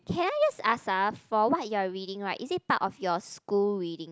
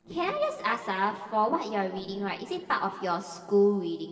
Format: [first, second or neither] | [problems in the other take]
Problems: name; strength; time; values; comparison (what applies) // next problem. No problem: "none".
first | noise reduction (neural separator model SepFormer DNS4)